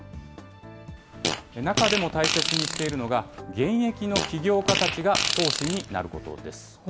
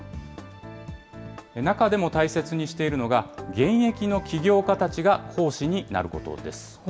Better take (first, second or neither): second